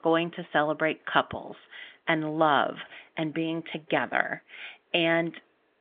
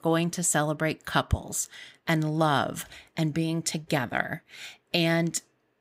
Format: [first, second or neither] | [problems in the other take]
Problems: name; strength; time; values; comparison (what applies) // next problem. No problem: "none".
second | phone-call audio; nothing above 3.5 kHz